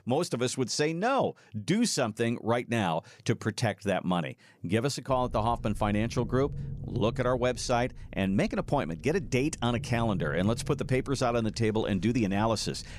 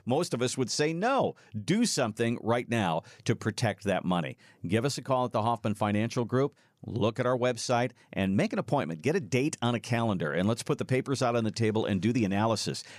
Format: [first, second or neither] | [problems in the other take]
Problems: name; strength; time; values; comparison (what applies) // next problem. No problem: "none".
second | low rumble; faint; from 5 s on; 25 dB below the speech